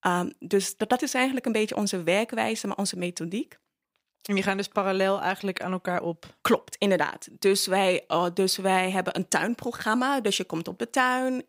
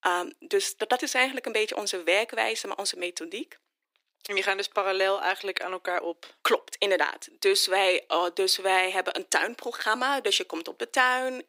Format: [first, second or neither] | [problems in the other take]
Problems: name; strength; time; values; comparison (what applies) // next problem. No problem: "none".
first | thin; very; fading below 300 Hz